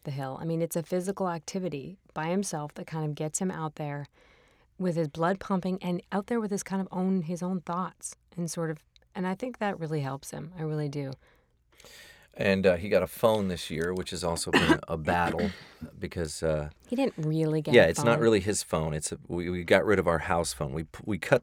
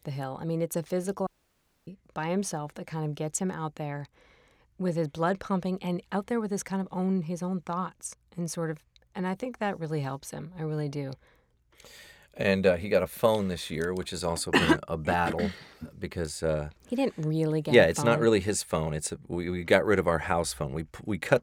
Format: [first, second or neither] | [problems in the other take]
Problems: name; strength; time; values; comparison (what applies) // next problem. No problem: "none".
first | audio cutting out; at 1.5 s for 0.5 s